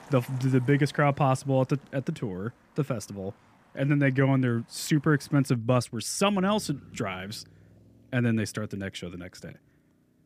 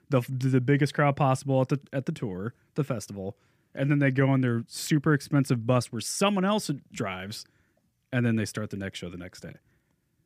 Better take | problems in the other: second | traffic noise; faint; throughout; 30 dB below the speech

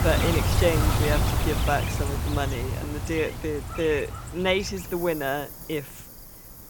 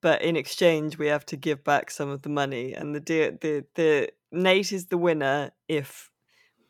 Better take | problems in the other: second | animal sounds; very loud; throughout; as loud as the speech

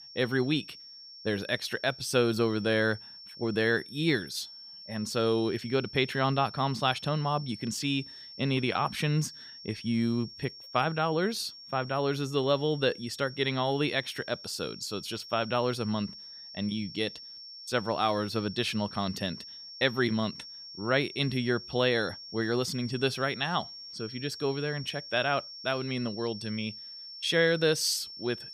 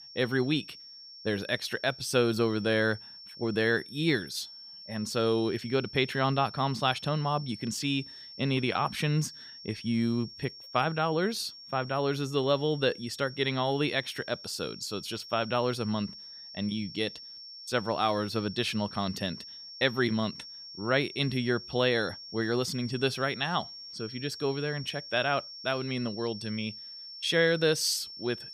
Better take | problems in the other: neither | high-pitched whine; noticeable; throughout; 5.5 kHz, 15 dB below the speech; the same in both

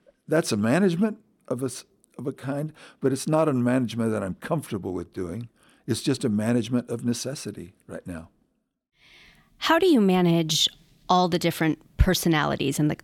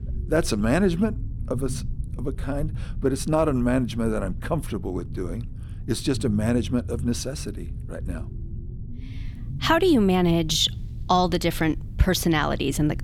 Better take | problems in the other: first | low rumble; faint; throughout; 20 dB below the speech

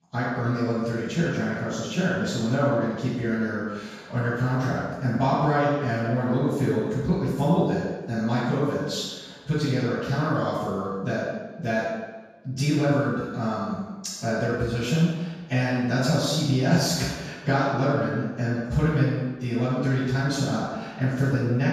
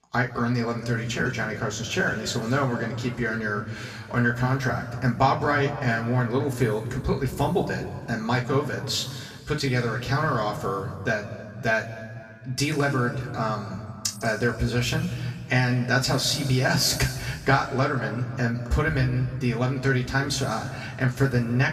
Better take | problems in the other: second | room echo; strong; dies away in 1.2 s; slight in the second // off-mic speech; far; far in the second

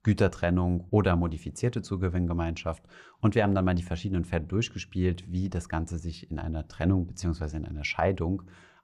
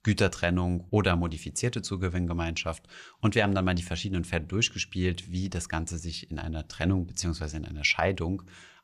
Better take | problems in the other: second | muffled; slightly; fading above 1.5 kHz

